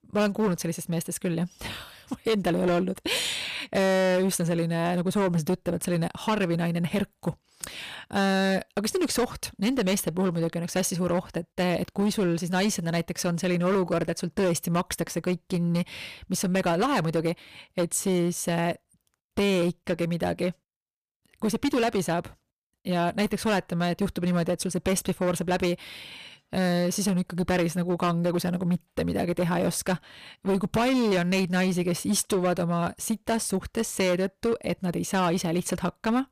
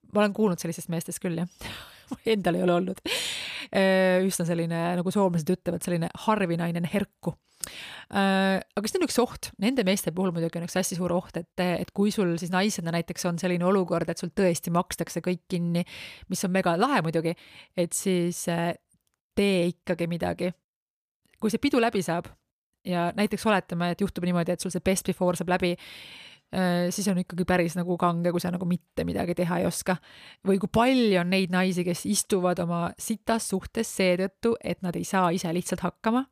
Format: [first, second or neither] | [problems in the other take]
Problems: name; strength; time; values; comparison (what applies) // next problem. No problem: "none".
second | distortion; slight; 10% of the sound clipped